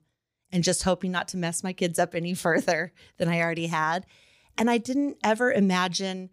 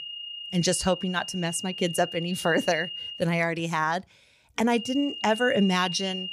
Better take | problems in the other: first | high-pitched whine; loud; until 3 s and from 5 s on; 3 kHz, 9 dB below the speech

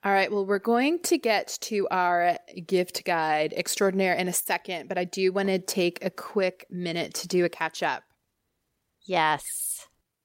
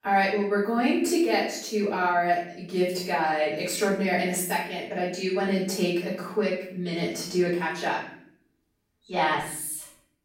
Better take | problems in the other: first | off-mic speech; far // room echo; noticeable; dies away in 0.6 s

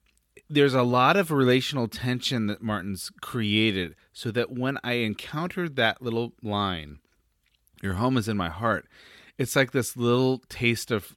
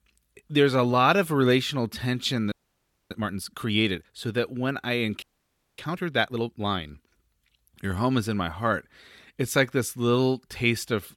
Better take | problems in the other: first | audio freezing; at 2.5 s for 0.5 s and at 5 s for 0.5 s

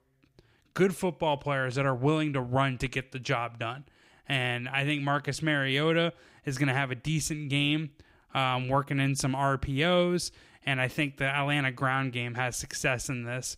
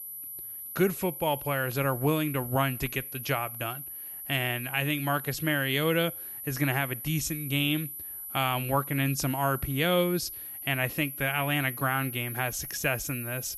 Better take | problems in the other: first | high-pitched whine; loud; throughout; 12 kHz, 8 dB below the speech

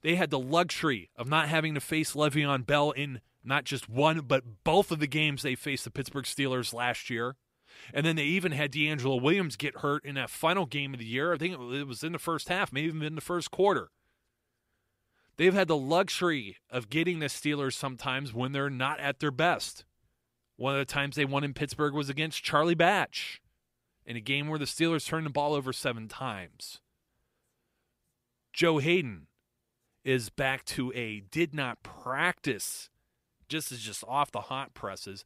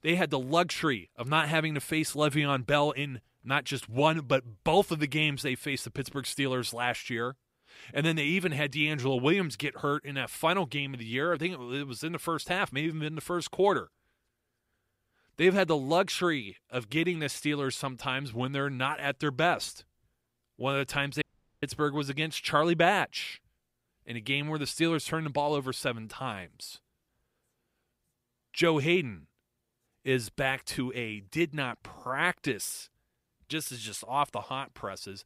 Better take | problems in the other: first | audio cutting out; at 21 s

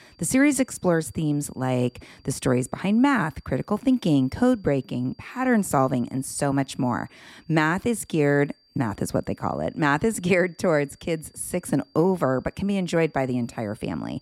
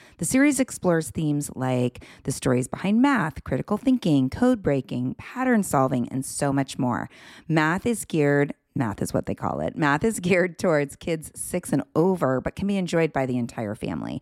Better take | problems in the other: second | high-pitched whine; faint; throughout; 4.5 kHz, 35 dB below the speech

